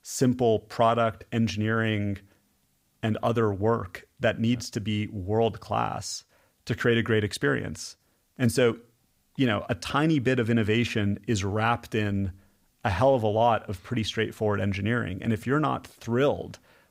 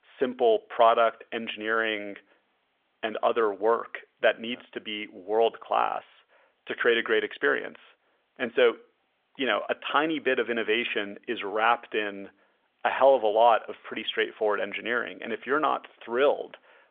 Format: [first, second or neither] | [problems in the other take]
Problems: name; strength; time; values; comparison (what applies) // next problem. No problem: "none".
first | phone-call audio; nothing above 3.5 kHz